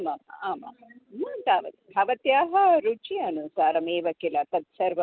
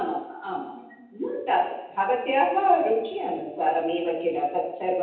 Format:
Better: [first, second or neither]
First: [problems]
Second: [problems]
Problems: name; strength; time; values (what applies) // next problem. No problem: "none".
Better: first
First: none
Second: room echo; dies away in 0.9 s